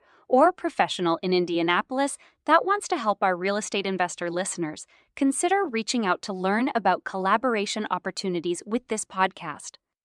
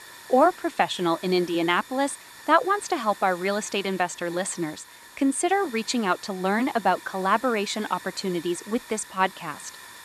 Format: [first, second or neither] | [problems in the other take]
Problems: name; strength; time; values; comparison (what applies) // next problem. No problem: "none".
first | hiss; noticeable; throughout; 20 dB below the speech